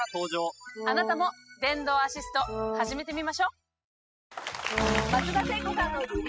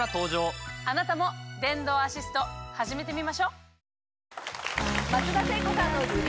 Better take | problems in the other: second | noise reduction (classical method spectral subtraction)

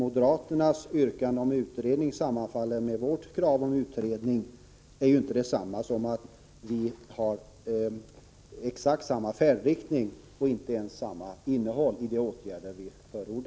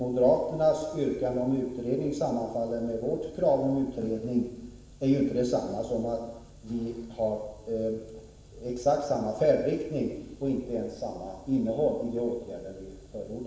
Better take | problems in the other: first | room echo; dies away in 1 s

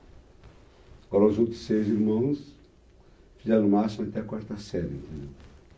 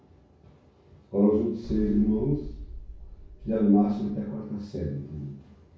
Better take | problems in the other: first | background sound (Boom); 12 dB below the speech // room echo; dies away in 0.6 s

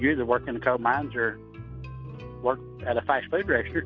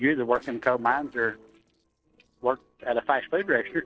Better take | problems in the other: first | noise reduction (neural separator model SepFormer DNS4)

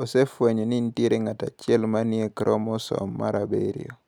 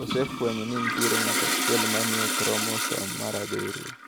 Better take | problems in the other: first | background sound (Toilet flush); 2 dB above the speech

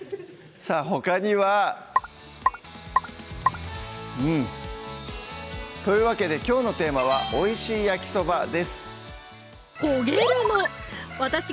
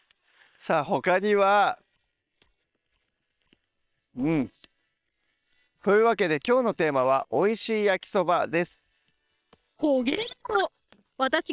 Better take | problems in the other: first | noise reduction (neural separator model SepFormer WHAM!)

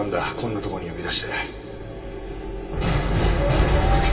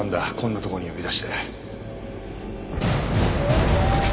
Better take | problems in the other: second | room echo; dies away in 0.2 s

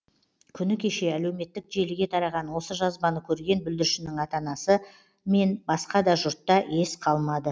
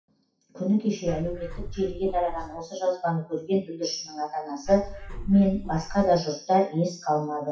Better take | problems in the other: first | noise reduction (classical method WPE with log-MMSE)

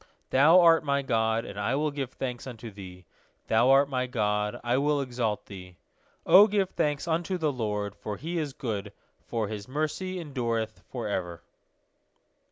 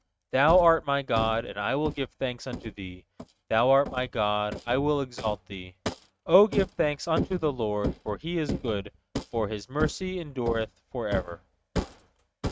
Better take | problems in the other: first | noise reduction (neural mask model RNNoise)

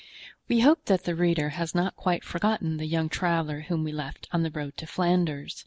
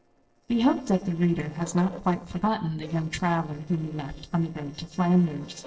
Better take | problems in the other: first | noise reduction (neural separator model SepFormer DNS4)

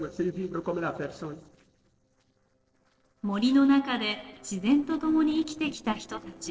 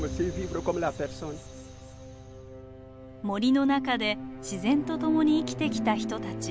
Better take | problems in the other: second | noise reduction (neural separator model SepFormer DNS4)

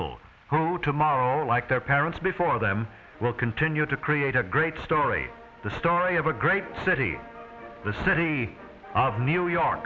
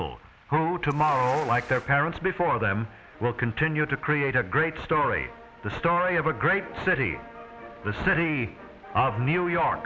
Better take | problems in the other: first | background sound (Insect); 15 dB below the speech

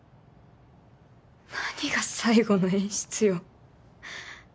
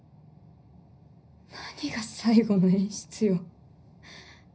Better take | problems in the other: first | room echo; dies away in 0.4 s

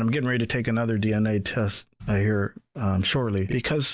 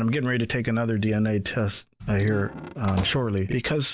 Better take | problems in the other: first | background sound (Squeak / Slam / Wood); 13 dB below the speech

